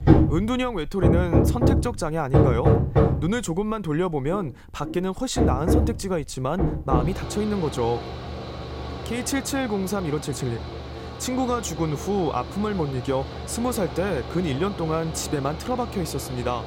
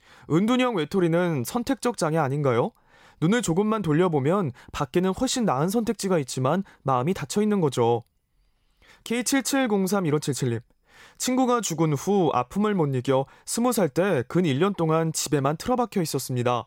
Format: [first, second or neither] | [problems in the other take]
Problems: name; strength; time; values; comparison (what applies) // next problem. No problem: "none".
second | machinery noise; very loud; throughout; as loud as the speech